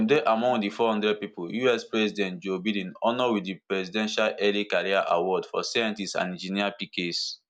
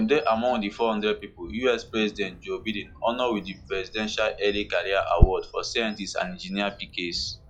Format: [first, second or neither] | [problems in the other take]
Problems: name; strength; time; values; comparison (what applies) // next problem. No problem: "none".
first | noise reduction (classical method log-MMSE)